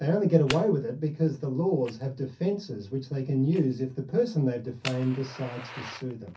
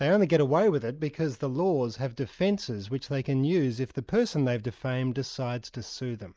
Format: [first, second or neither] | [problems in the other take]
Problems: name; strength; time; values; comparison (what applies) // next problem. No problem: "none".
second | background sound (Fire); 17 dB below the speech // room echo; dies away in 0.3 s